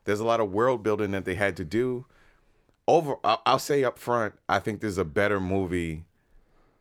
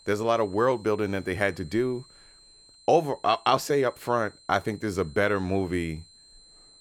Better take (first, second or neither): first